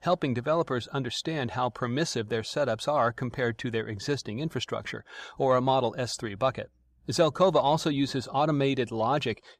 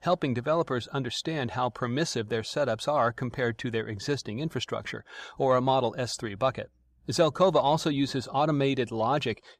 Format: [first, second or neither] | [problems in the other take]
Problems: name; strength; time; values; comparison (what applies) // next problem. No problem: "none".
neither | none